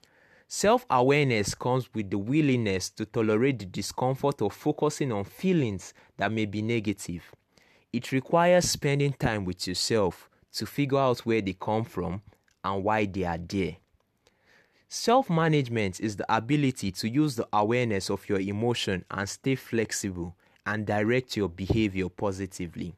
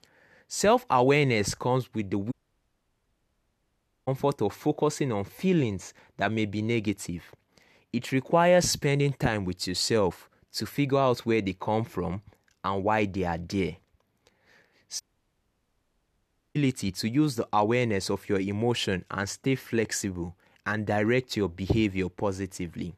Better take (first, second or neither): first